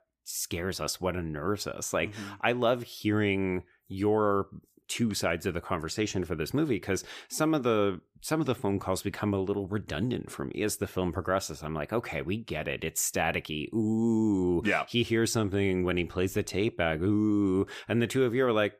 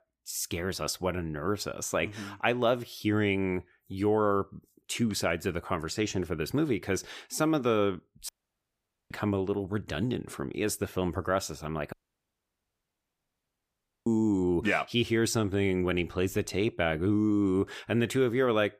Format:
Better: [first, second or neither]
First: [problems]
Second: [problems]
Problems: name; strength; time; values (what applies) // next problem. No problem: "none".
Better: first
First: none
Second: audio cutting out; at 8.5 s for 1 s and at 12 s for 2 s